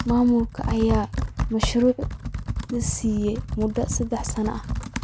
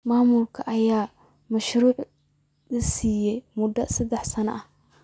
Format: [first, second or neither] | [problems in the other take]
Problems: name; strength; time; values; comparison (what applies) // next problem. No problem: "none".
second | background sound (Computer keyboard); 4 dB below the speech